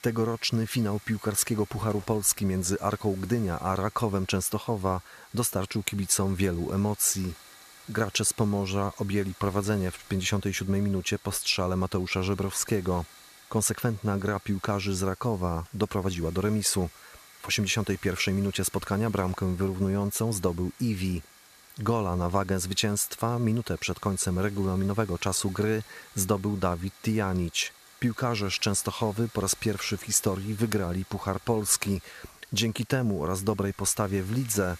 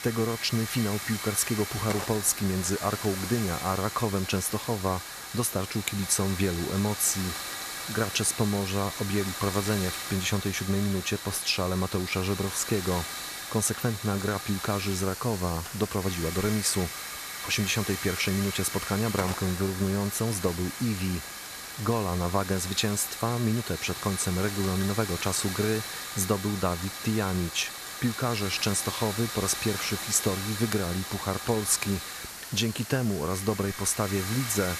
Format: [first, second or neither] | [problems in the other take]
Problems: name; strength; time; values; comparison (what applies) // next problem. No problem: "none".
first | hiss; loud; throughout; 6 dB below the speech; faint in the first